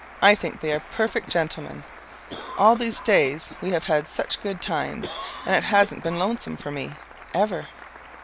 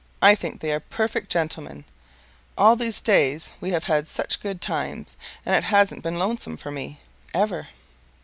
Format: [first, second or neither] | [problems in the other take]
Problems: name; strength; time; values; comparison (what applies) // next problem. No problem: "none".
second | background sound (Cough + Applause); 15 dB below the speech